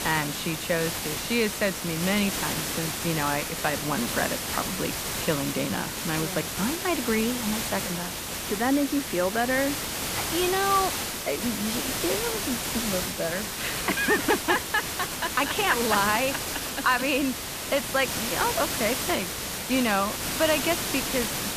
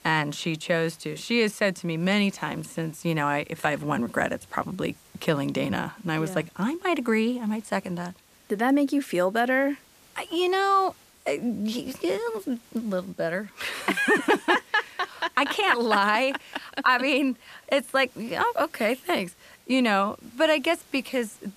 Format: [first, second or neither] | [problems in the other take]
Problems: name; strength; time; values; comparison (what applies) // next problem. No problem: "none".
second | hiss; loud; throughout; 2 dB below the speech; faint in the second